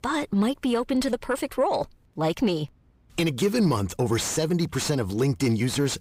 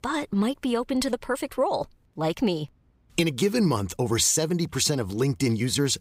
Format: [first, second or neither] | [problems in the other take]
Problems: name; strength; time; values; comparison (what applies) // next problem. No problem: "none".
second | distortion; slight; 10 dB below the speech